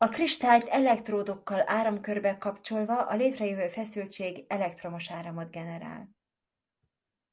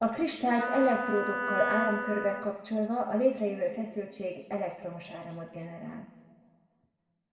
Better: first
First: none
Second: background sound (Wind instrument, woodwind instrument); 2 dB below the speech // room echo; dies away in 1.9 s

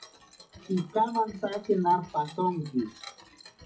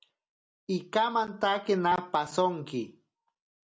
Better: second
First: noise reduction (classical method WPE with log-MMSE)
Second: none

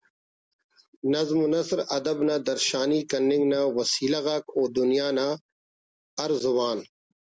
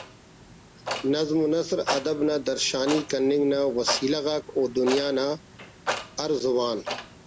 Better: first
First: none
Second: background sound (Clock); 10 dB below the speech

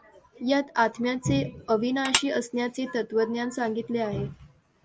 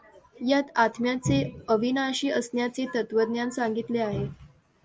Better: second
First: background sound (Tap / Dishes, pots, and pans); 1 dB above the speech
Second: none

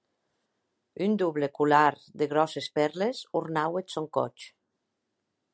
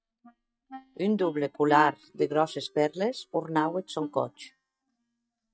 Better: first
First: none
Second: noise reduction (neural mask model DeepFilterNet 3)

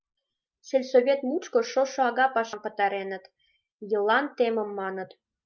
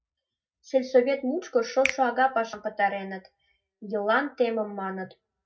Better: first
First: none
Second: background sound (Finger snapping); 11 dB below the speech // room echo; dies away in 0.4 s

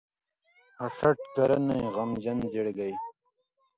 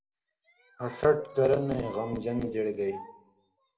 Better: first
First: none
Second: room echo; dies away in 0.3 s

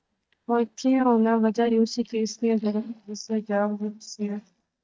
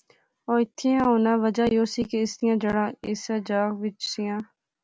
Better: second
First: noise reduction (neural mask model DeepFilterNet 3)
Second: none

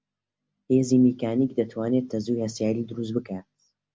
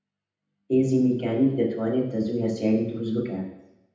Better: first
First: none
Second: room echo; dies away in 0.8 s

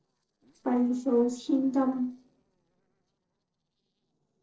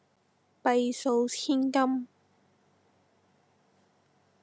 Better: second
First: noise reduction (neural separator model SepFormer DNS4)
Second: none

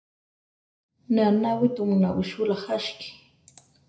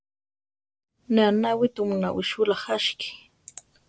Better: second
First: room echo; dies away in 0.5 s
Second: none

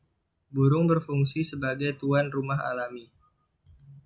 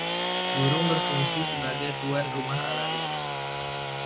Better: first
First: none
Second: background sound (Sawing / Engine); 2 dB above the speech

